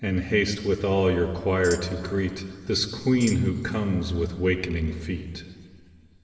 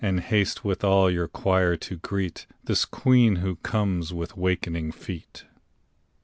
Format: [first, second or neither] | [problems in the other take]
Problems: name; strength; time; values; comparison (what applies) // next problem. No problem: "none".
second | background sound (Tambourine); 19 dB below the speech // room echo; dies away in 2.9 s